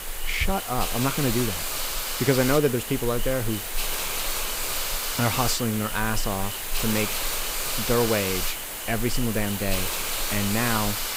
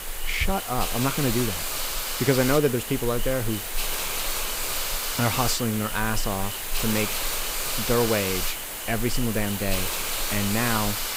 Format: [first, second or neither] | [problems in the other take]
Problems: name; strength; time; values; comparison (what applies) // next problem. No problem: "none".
neither | hiss; loud; throughout; 1 dB below the speech; the same in both